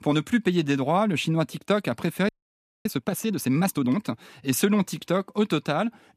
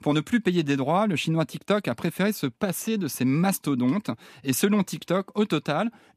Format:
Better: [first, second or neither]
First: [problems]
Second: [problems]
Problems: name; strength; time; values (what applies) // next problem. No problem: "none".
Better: second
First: audio freezing; at 2.5 s for 0.5 s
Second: none